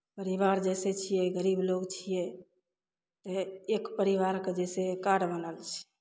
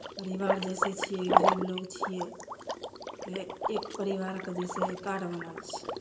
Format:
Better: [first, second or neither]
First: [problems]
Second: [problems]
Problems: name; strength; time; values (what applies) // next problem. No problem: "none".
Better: first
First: none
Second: background sound (Liquid); 3 dB above the speech // room echo; dies away in 0.7 s